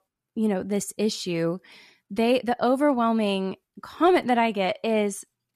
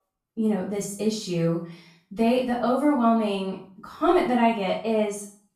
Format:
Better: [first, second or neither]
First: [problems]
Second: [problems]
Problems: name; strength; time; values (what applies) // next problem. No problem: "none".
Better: first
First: none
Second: off-mic speech; far // room echo; noticeable; dies away in 0.4 s